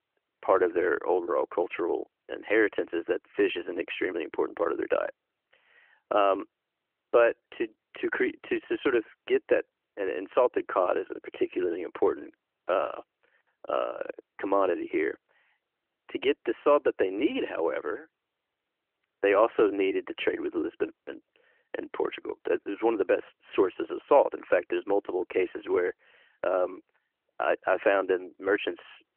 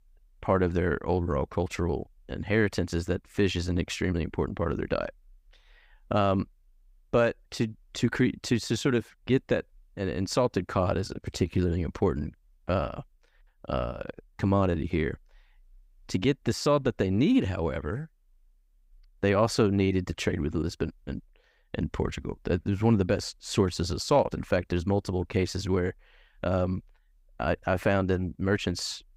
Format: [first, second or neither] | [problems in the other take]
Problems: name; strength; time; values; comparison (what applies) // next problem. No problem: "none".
second | phone-call audio; nothing above 3 kHz